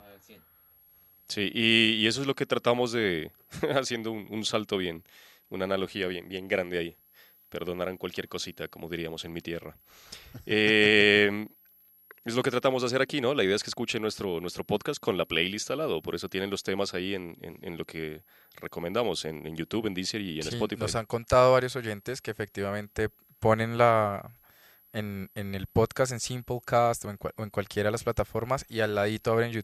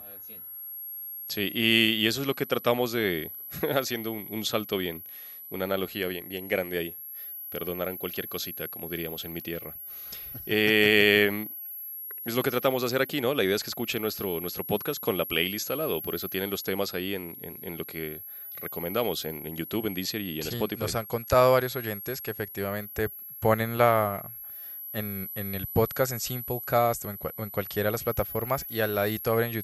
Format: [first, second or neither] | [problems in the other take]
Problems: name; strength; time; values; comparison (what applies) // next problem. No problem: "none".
first | high-pitched whine; loud; throughout; 12 kHz, 9 dB below the speech; faint in the first